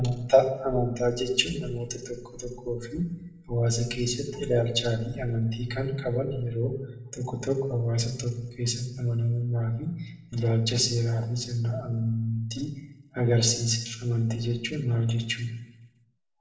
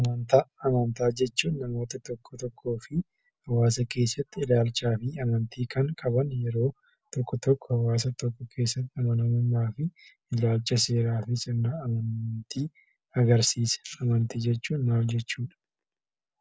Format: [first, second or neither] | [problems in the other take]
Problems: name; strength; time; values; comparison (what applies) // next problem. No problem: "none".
second | room echo; dies away in 0.7 s